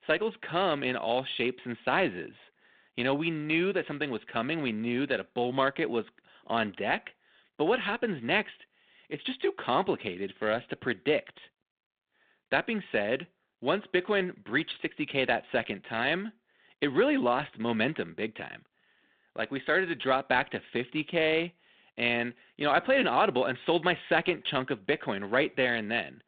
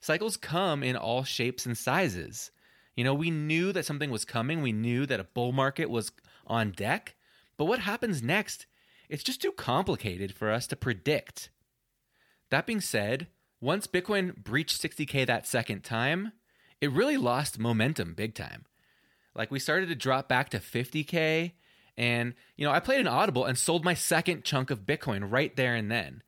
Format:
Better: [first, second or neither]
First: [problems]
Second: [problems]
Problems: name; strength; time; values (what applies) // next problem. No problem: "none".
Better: second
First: phone-call audio; nothing above 3.5 kHz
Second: none